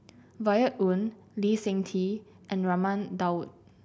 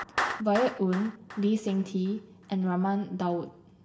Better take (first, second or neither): first